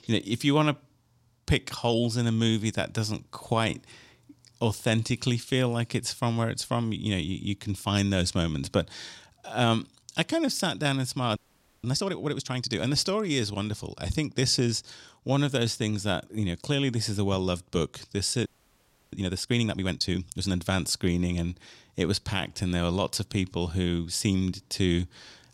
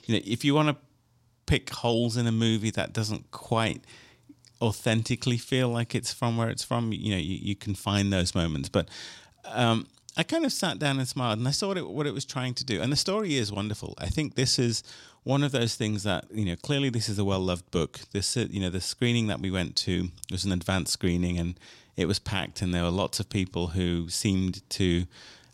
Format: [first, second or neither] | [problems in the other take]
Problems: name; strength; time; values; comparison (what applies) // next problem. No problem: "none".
second | audio freezing; at 11 s and at 18 s for 0.5 s